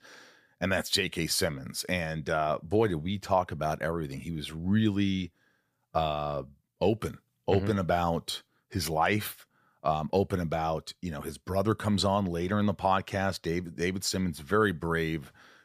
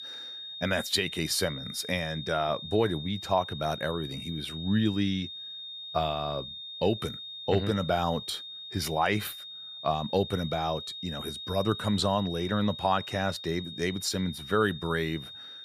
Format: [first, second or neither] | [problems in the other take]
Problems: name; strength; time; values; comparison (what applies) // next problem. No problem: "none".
first | high-pitched whine; loud; throughout; 3.5 kHz, 9 dB below the speech